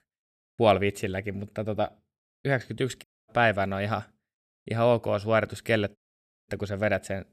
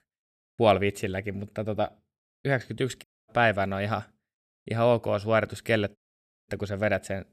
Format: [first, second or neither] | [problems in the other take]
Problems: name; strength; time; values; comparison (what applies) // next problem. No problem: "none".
neither | audio cutting out; at 3 s and at 6 s for 0.5 s; the same in both